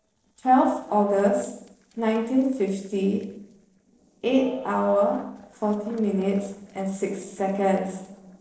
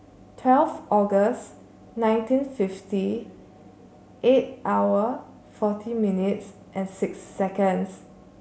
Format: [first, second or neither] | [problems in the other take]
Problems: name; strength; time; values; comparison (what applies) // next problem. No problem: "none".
second | noise reduction (neural separator model SepFormer DNS4)